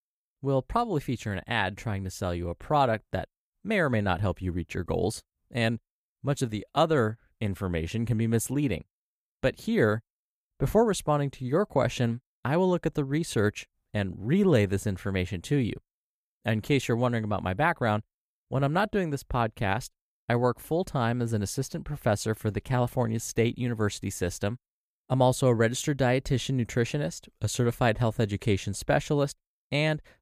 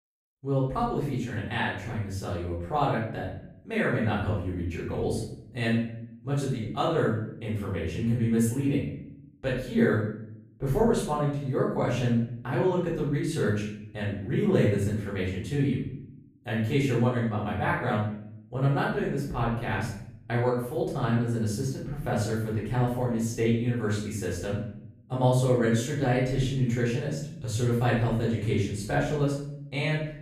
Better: first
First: none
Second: off-mic speech; far // room echo; noticeable; dies away in 0.7 s

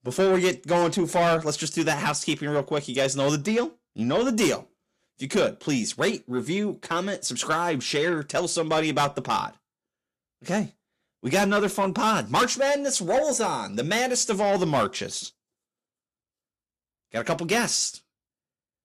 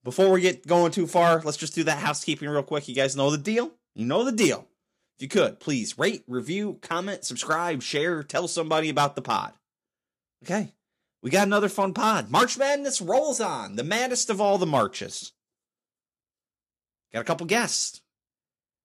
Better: second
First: distortion; slight; 10 dB below the speech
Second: none

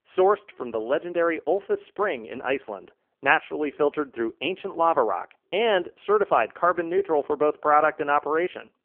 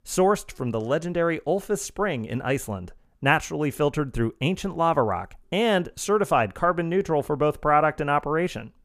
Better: second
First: phone-call audio; poor line; nothing above 3 kHz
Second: none

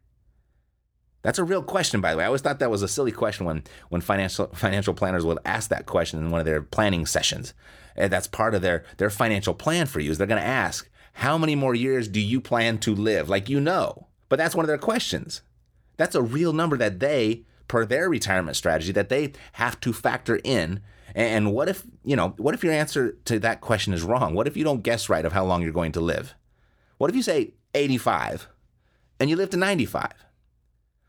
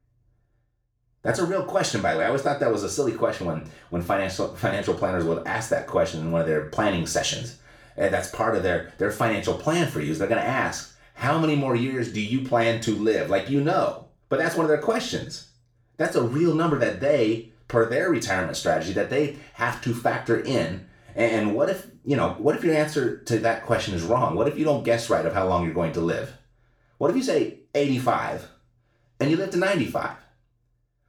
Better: first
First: none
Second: room echo; slight; dies away in 0.4 s // off-mic speech; far

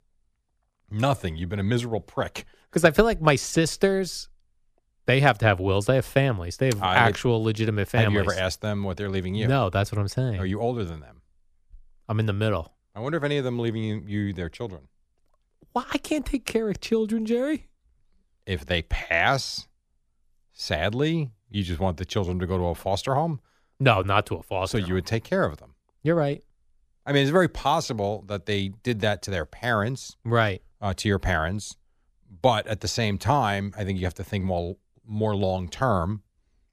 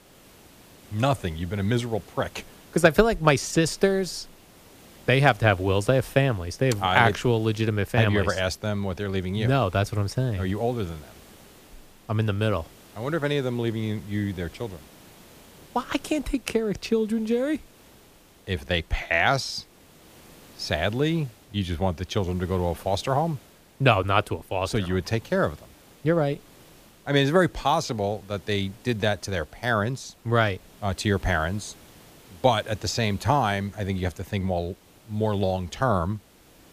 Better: first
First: none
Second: hiss; faint; throughout; 25 dB below the speech

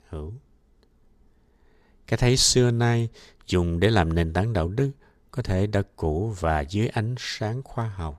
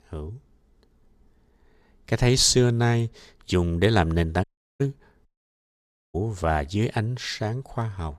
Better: first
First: none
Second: audio cutting out; at 4.5 s and at 5.5 s for 1 s

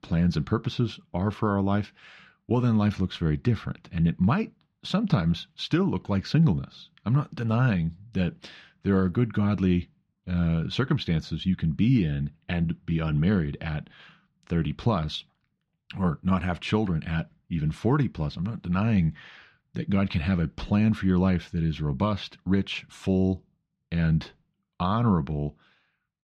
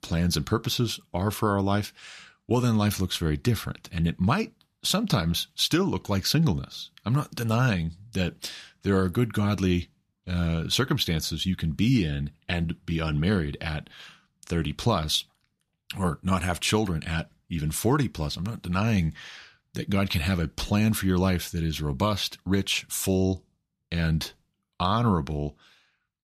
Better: second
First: muffled; slightly; fading above 3 kHz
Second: none

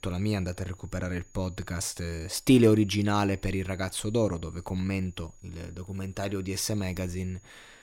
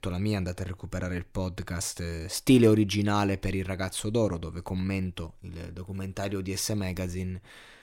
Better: second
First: high-pitched whine; faint; throughout; 7 kHz, 30 dB below the speech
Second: none

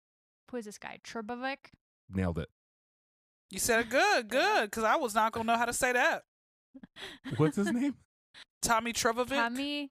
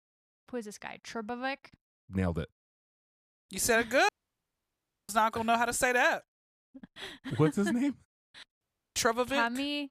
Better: first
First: none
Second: audio cutting out; at 4 s for 1 s and at 8.5 s

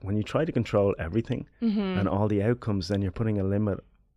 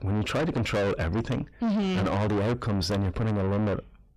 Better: first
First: none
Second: distortion; heavy; 6 dB below the speech

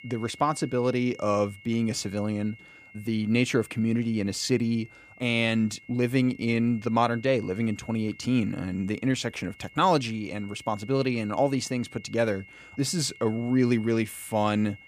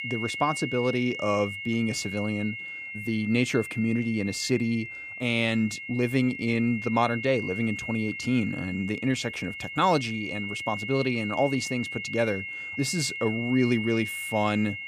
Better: first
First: high-pitched whine; faint; throughout; 2 kHz, 20 dB below the speech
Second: high-pitched whine; loud; throughout; 2 kHz, 7 dB below the speech

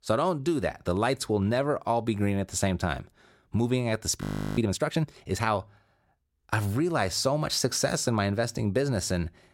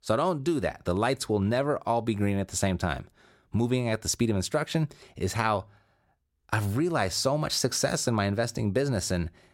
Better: second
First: audio freezing; at 4 s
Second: none

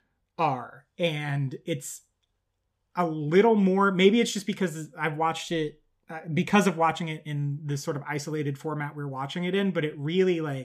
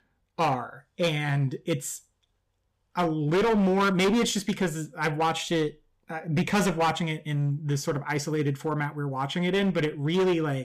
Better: first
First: none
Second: distortion; heavy; 11% of the sound clipped

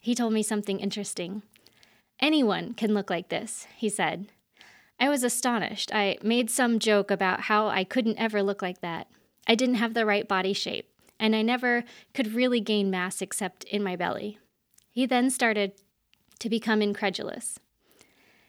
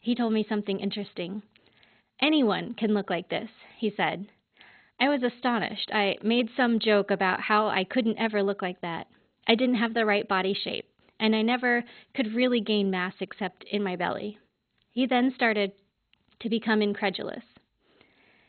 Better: first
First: none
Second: garbled, watery; badly; nothing above 4 kHz

